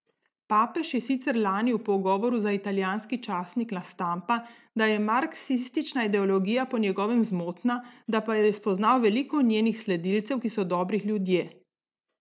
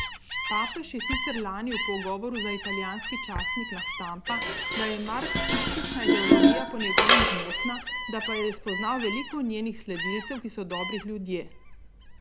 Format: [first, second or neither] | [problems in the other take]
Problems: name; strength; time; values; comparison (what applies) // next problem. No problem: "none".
first | background sound (Gull, seagull + Dishes, pots, and pans); 5 dB above the speech